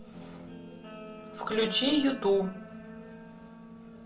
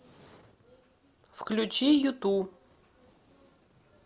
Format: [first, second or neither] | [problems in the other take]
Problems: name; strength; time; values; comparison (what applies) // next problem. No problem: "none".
second | background sound (Guitar); 13 dB below the speech // room echo; dies away in 0.2 s